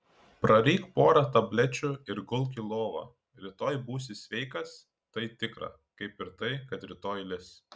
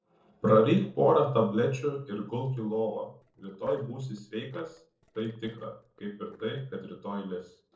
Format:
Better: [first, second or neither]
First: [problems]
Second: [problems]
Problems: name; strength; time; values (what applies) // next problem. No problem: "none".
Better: first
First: none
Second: noise reduction (neural separator model SepFormer DNS4)